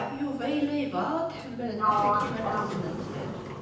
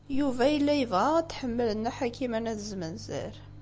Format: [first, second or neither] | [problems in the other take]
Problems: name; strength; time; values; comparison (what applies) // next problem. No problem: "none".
second | background sound (Sliding door); as loud as the speech // room echo; dies away in 0.9 s